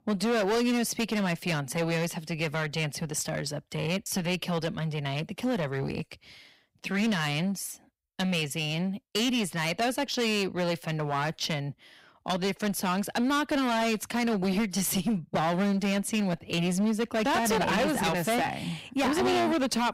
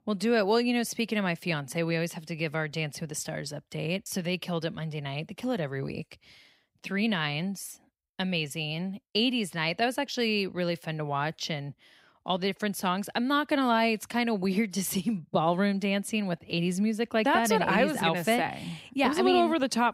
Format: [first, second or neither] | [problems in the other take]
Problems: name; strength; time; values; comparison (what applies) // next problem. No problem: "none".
second | distortion; heavy; 17% of the sound clipped